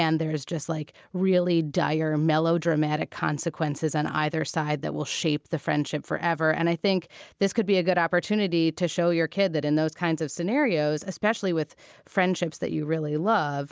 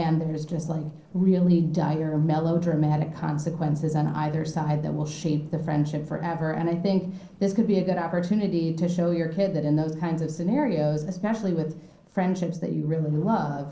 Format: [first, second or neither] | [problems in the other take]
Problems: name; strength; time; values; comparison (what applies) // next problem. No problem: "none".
first | noise reduction (neural separator model SepFormer DNS4)